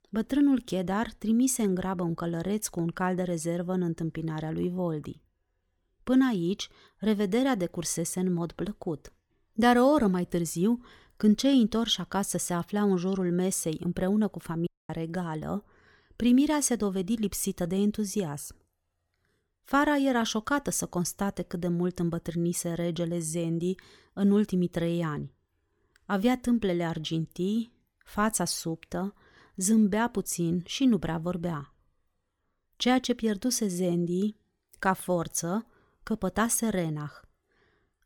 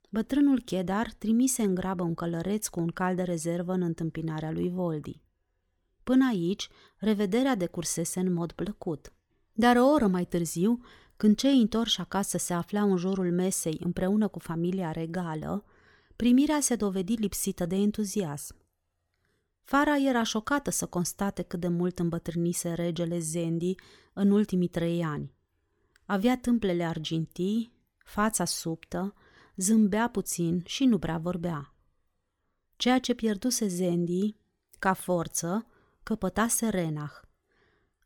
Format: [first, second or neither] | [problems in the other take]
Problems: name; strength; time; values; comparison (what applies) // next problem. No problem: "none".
second | audio cutting out; at 15 s